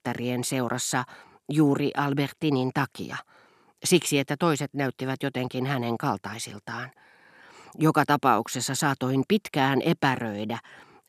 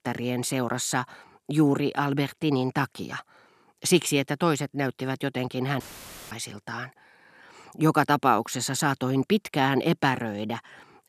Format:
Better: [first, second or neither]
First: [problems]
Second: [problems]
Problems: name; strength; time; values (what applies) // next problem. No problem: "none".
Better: first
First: none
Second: audio cutting out; filled with static; at 6 s for 0.5 s